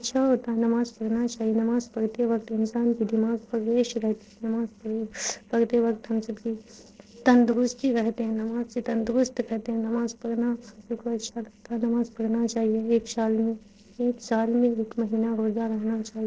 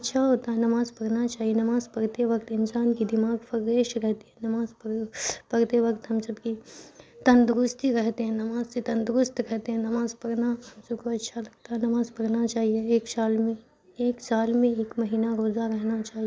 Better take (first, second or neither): second